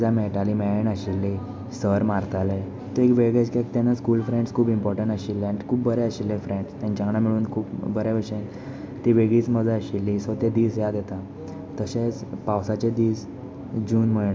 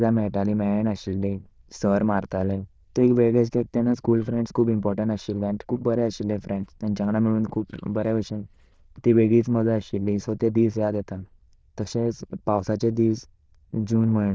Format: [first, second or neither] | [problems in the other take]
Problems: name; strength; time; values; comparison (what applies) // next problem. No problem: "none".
first | noise reduction (neural diffusion model UNIVERSE++)